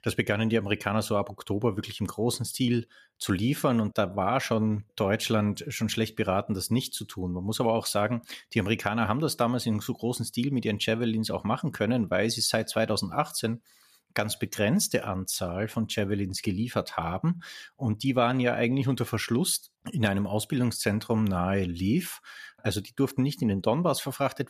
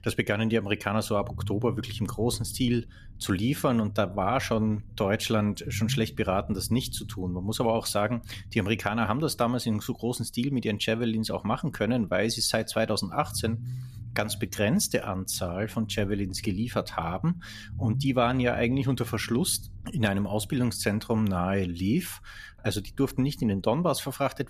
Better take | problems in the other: first | low rumble; faint; throughout; 25 dB below the speech

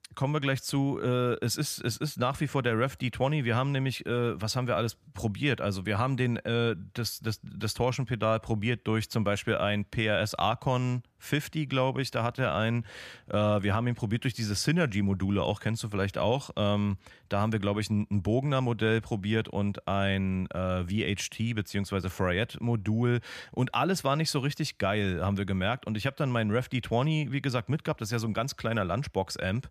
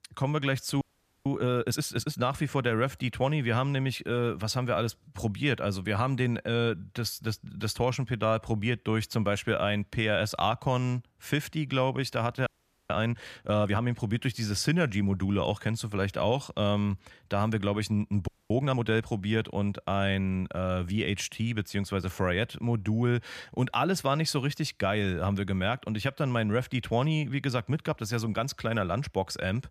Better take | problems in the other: first | audio freezing; at 1 s, at 12 s and at 18 s

